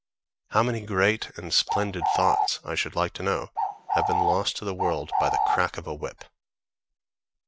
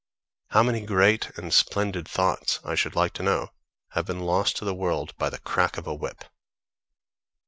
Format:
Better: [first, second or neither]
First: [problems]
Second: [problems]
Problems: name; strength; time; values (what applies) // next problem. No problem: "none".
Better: second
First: background sound (Bird); 4 dB above the speech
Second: none